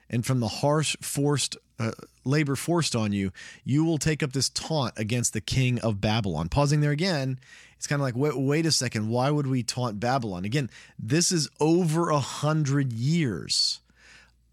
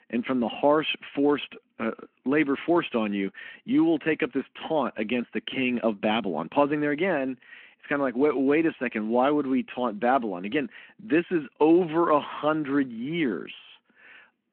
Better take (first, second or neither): first